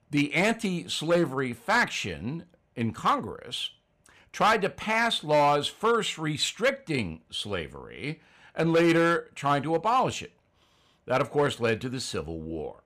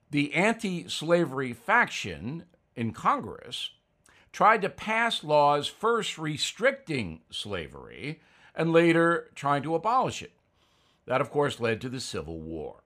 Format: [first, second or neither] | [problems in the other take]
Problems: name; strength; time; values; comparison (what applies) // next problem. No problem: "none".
second | distortion; slight; 3% of the sound clipped